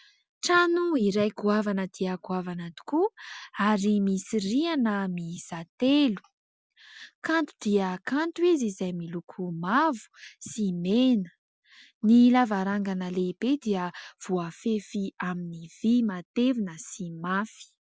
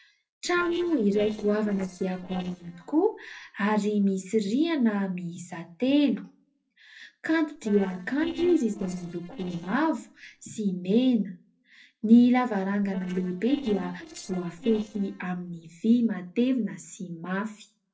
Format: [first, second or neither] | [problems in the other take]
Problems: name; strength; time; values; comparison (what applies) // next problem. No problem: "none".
first | noise reduction (neural separator model SepFormer DNS4)